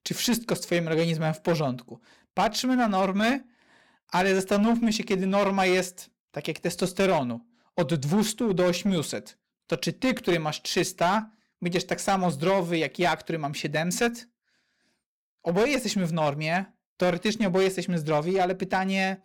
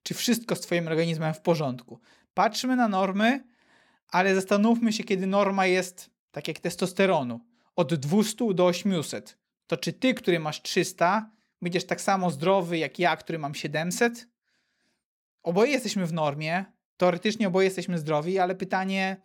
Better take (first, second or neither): second